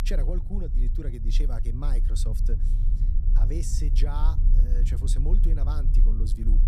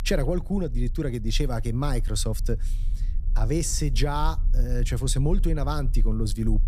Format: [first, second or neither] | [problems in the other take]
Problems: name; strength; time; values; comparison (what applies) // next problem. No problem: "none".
second | low rumble; loud; throughout; 6 dB below the speech; faint in the second